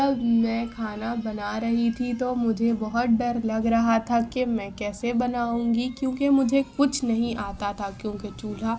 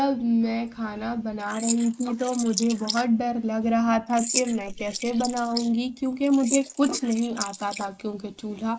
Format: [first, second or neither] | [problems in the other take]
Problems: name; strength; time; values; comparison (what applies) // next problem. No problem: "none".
first | noise reduction (neural mask model Resemble Enhance denoiser)